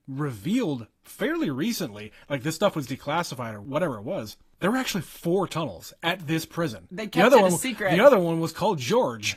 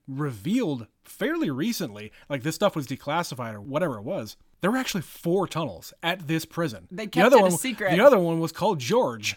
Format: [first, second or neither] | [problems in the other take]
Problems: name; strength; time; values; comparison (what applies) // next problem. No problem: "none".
second | garbled, watery; slightly; nothing above 14.5 kHz